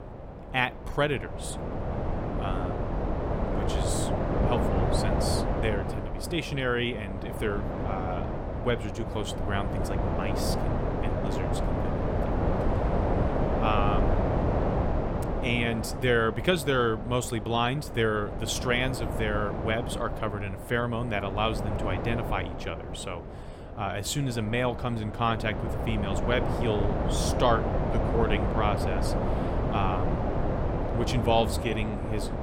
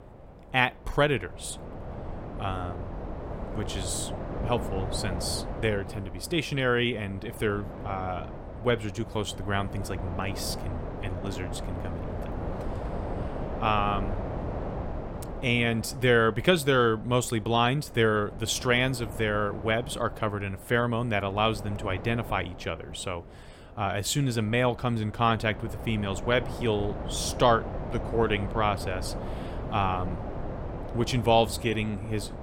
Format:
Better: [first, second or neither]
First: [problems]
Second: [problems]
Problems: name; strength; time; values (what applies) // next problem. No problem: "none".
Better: second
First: wind noise on the microphone; heavy; 3 dB below the speech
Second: wind noise on the microphone; occasional gusts; 15 dB below the speech